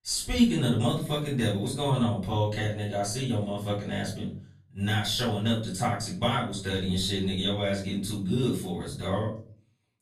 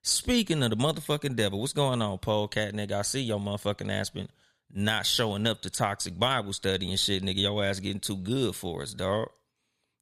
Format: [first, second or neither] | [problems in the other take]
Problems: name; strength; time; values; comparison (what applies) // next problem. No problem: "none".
second | off-mic speech; far // room echo; slight; dies away in 0.4 s